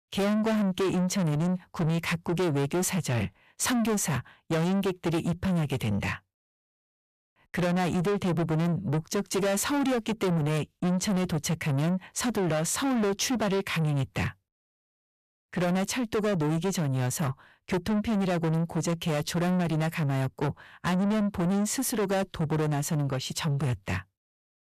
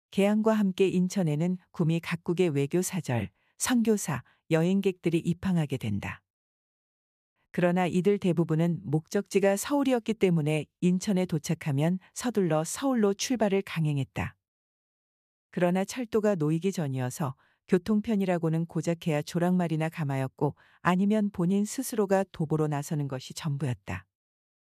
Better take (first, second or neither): second